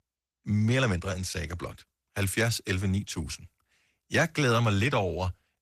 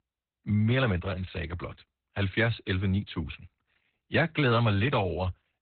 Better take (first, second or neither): first